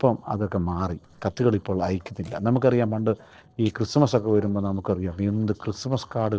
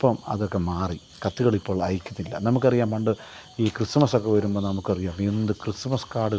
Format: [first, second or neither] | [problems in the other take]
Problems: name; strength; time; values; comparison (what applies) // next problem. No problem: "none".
second | noise reduction (neural separator model SepFormer DNS4)